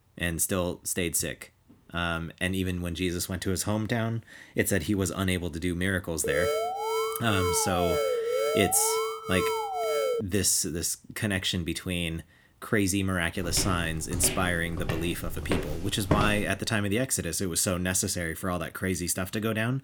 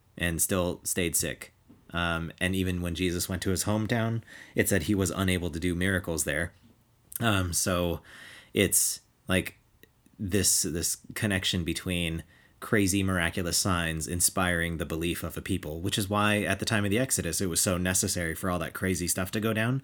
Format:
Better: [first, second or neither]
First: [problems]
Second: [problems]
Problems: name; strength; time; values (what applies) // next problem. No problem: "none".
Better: second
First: alarm; loud; from 6 to 10 s; peak 1 dB above the speech // footsteps; noticeable; from 13 to 16 s; peak 1 dB below the speech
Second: none